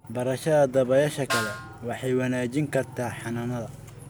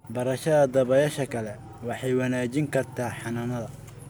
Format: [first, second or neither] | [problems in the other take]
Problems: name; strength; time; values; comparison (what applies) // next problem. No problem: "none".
second | background sound (Snare drum); 9 dB below the speech